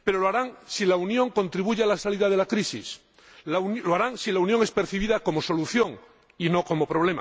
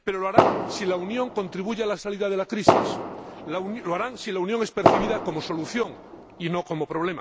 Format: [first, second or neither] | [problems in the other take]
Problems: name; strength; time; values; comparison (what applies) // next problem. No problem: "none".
first | background sound (Fireworks); 3 dB above the speech